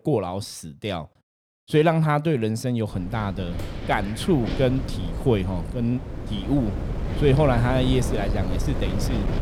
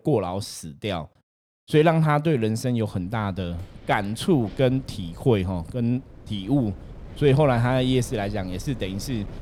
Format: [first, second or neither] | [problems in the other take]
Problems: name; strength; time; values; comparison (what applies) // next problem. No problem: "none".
second | wind noise on the microphone; heavy; from 3 s on; 10 dB below the speech; occasional gusts in the second